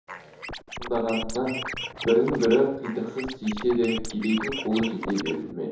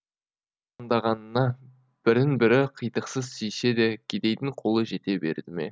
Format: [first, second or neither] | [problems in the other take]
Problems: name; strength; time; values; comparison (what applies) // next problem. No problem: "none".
second | background sound (Scratching (performance technique)); 9 dB below the speech // room echo; dies away in 2.8 s